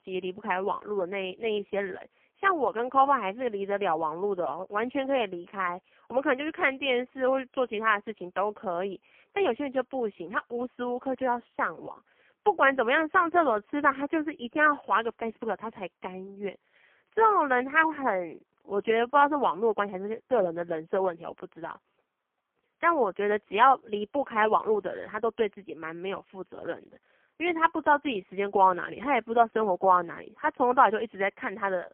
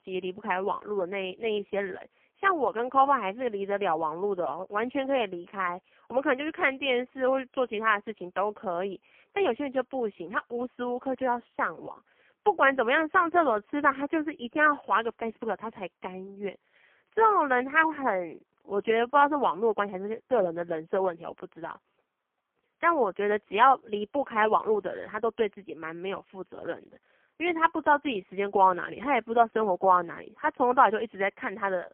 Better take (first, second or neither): neither